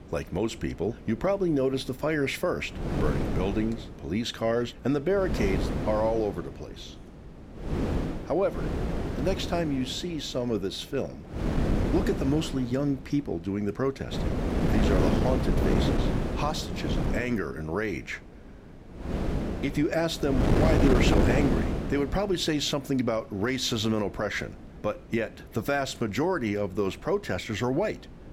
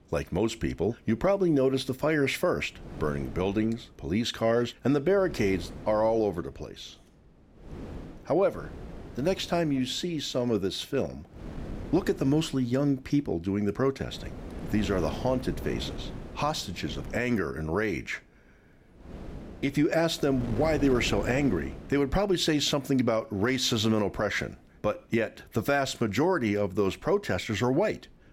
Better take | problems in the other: second | wind noise on the microphone; heavy; 3 dB below the speech; occasional gusts in the second

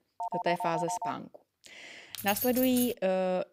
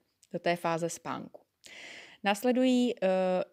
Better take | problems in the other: second | phone ringing; noticeable; at the start; peak 4 dB below the speech // jangling keys; noticeable; at 2 s; peak 2 dB below the speech

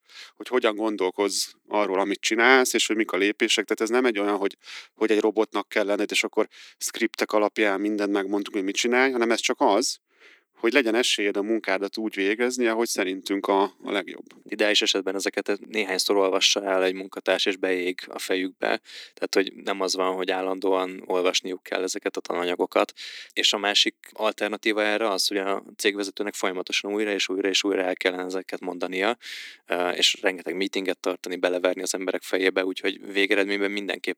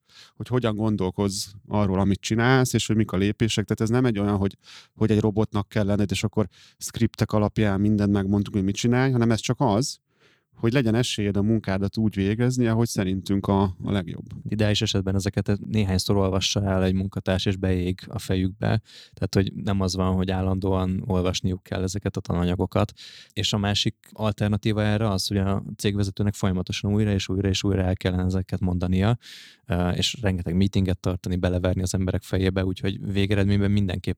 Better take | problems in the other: second | thin; very; fading below 300 Hz

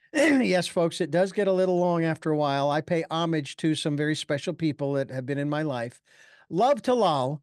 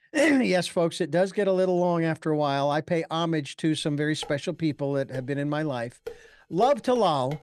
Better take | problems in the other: first | clattering dishes; faint; from 4 s on; peak 10 dB below the speech

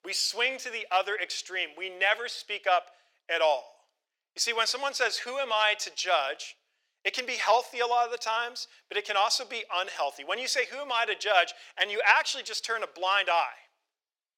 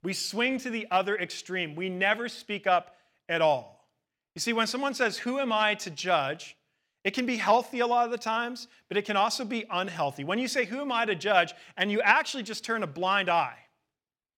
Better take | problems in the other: second | thin; very; fading below 450 Hz

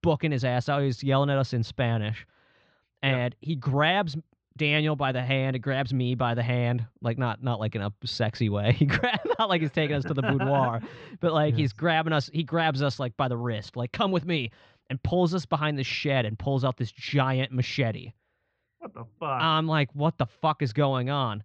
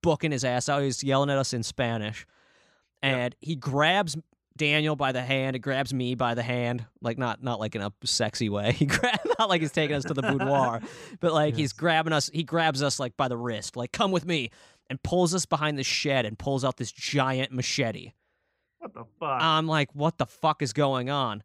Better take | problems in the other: second | muffled; slightly; fading above 4 kHz

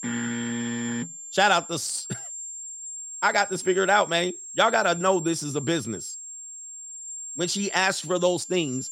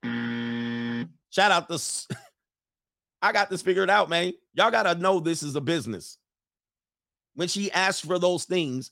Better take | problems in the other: second | high-pitched whine; noticeable; throughout; 7.5 kHz, 10 dB below the speech

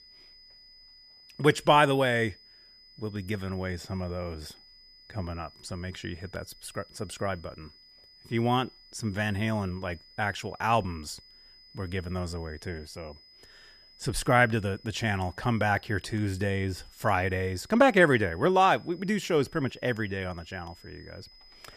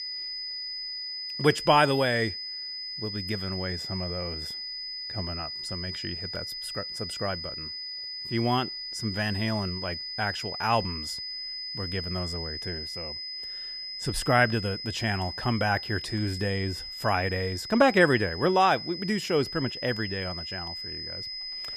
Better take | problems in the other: first | high-pitched whine; loud; throughout; 5 kHz, 6 dB below the speech; faint in the first

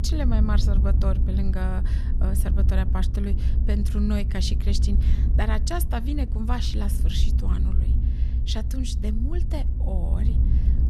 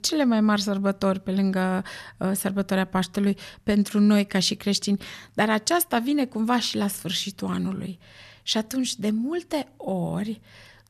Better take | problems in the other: second | low rumble; loud; throughout; 7 dB below the speech

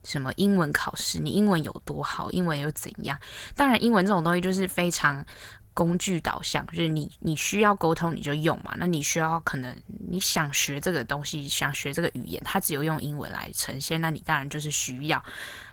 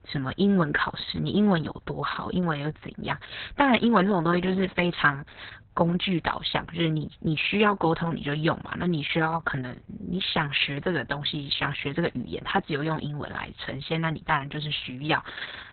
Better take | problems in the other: first | garbled, watery; badly; nothing above 4 kHz; slightly in the first

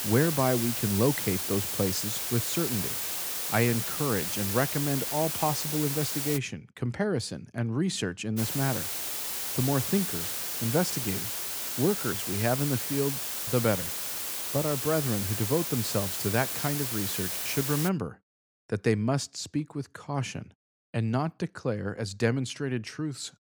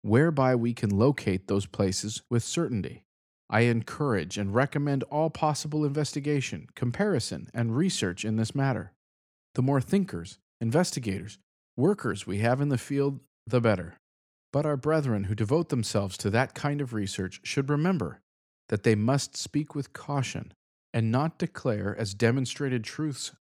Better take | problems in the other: second | hiss; loud; until 6.5 s and from 8.5 to 18 s; as loud as the speech

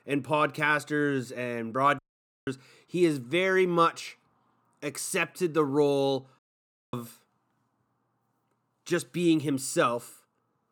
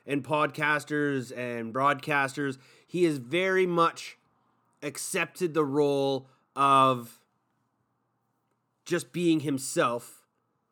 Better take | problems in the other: second | audio cutting out; at 2 s and at 6.5 s for 0.5 s

